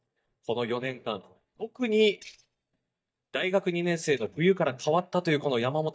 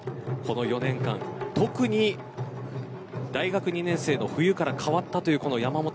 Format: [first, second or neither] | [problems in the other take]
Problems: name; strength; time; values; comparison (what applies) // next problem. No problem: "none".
second | noise reduction (neural mask model DeepFilterNet 3)